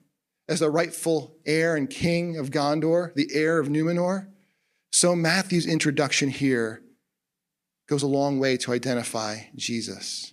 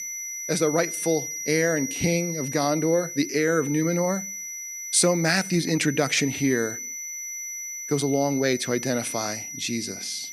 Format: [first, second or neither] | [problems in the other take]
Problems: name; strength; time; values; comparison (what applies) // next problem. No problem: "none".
first | high-pitched whine; loud; throughout; 6 kHz, 7 dB below the speech